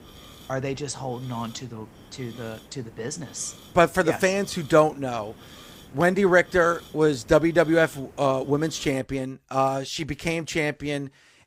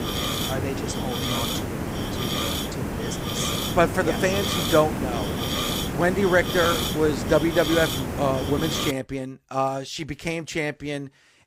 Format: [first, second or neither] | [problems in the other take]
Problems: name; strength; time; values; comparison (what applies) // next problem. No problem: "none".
first | hiss; loud; until 9 s; 1 dB below the speech; faint in the first